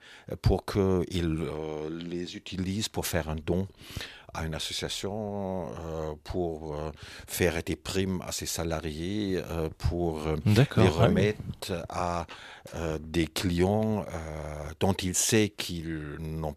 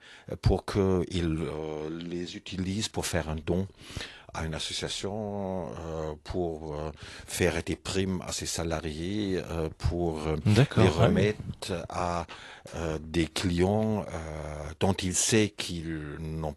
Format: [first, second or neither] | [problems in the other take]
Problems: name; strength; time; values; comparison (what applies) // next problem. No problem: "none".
first | garbled, watery; slightly; nothing above 11.5 kHz